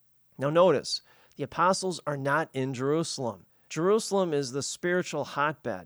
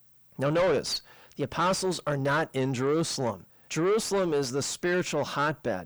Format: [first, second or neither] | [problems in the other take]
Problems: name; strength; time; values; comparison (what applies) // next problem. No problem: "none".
first | distortion; heavy; 7 dB below the speech